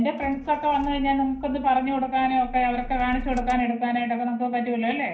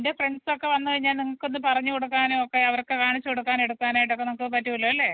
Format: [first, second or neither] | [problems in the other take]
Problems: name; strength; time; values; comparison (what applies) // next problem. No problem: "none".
second | background sound (Motor vehicle (road)); 13 dB below the speech // room echo; dies away in 0.6 s